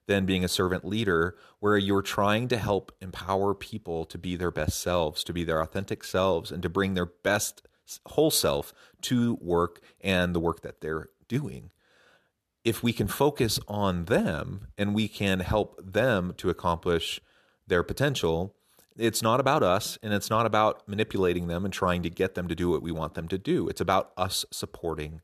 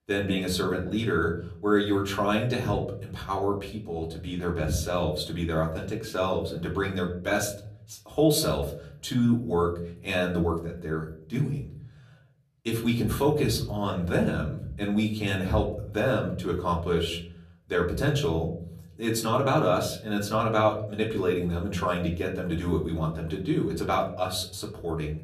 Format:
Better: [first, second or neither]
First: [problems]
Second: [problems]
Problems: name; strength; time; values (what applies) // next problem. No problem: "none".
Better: first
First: none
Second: off-mic speech; far // room echo; very slight; dies away in 0.7 s